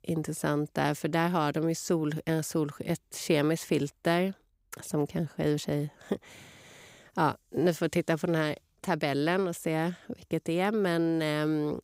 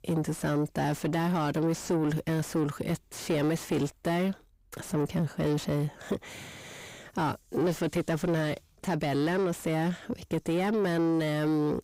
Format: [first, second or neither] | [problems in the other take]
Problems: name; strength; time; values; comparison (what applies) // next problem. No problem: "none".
first | distortion; heavy; 7 dB below the speech